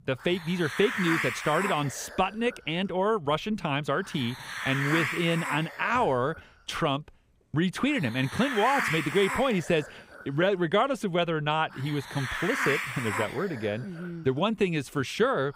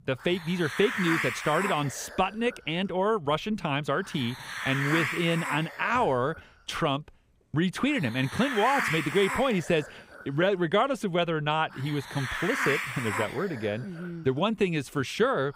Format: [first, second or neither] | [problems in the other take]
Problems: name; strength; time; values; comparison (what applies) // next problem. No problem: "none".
neither | hiss; loud; throughout; 4 dB below the speech; the same in both